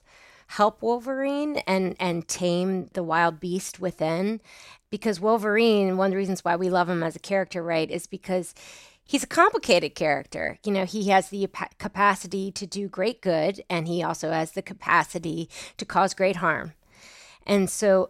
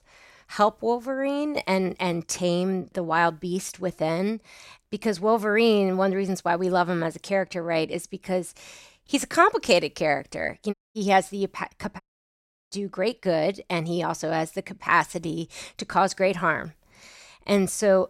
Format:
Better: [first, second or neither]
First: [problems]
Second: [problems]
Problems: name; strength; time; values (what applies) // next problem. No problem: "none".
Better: first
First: none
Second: audio cutting out; at 11 s and at 12 s for 0.5 s